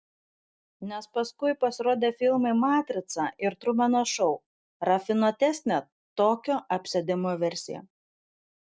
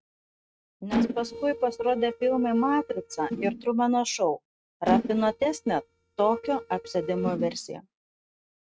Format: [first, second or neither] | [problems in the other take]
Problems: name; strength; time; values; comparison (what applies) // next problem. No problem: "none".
first | noise reduction (neural mask model RNNoise)